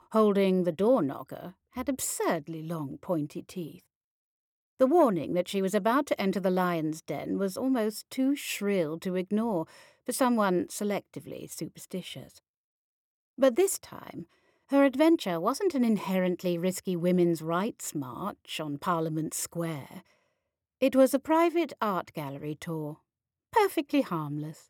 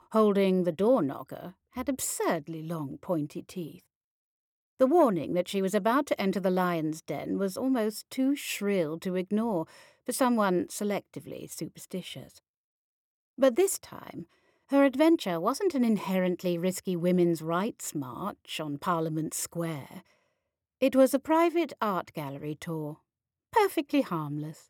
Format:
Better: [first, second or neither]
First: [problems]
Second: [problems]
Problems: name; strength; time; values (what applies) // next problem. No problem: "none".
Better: neither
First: none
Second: none